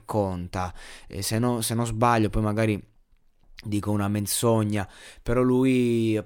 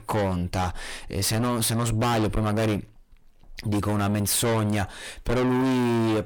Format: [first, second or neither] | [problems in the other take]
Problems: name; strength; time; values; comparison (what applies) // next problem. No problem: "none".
first | distortion; heavy; 5 dB below the speech